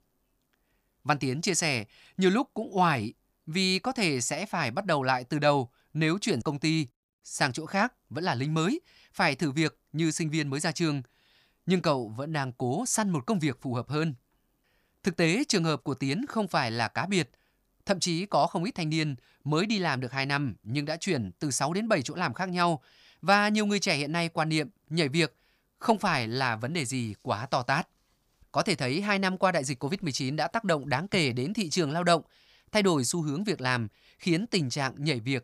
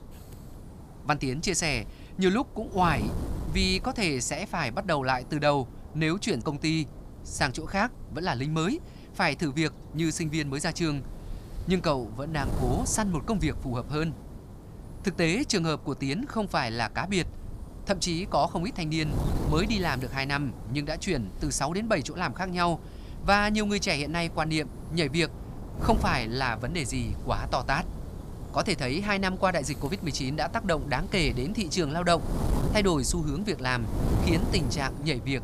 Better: first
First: none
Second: wind noise on the microphone; occasional gusts; 15 dB below the speech

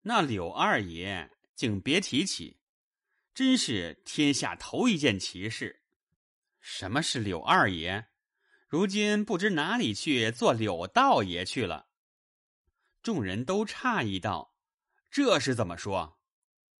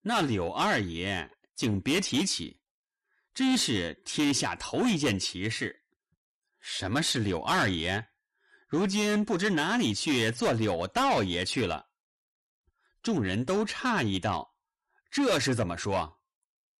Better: first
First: none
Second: distortion; heavy; 8 dB below the speech

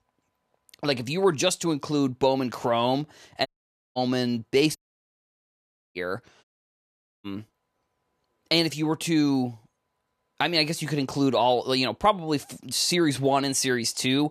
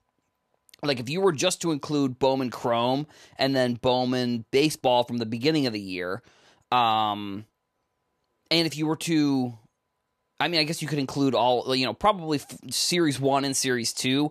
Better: second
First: audio cutting out; at 3.5 s, at 5 s for 1 s and at 6.5 s for 1 s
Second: none

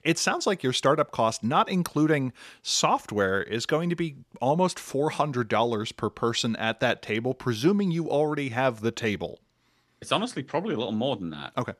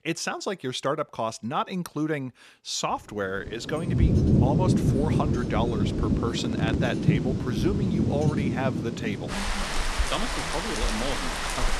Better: first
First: none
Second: rain or running water; very loud; from 3.5 s on; 5 dB above the speech

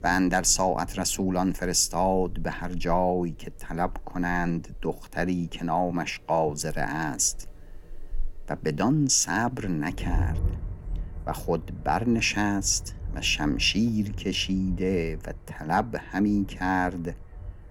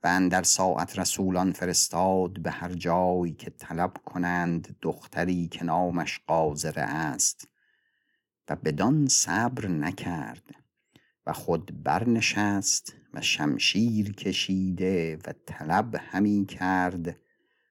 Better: second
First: rain or running water; noticeable; throughout; 15 dB below the speech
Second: none

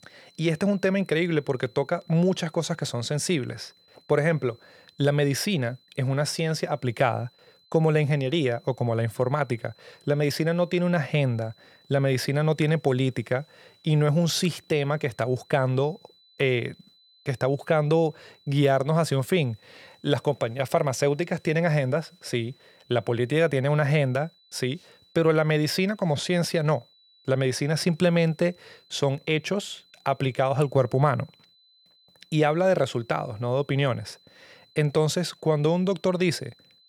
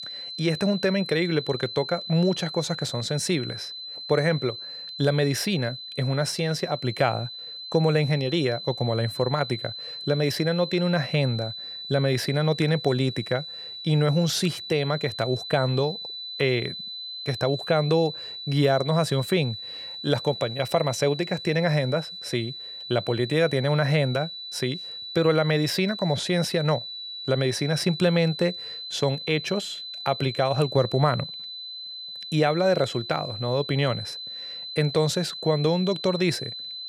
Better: first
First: high-pitched whine; faint; throughout; 4 kHz, 30 dB below the speech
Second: high-pitched whine; loud; throughout; 4 kHz, 9 dB below the speech

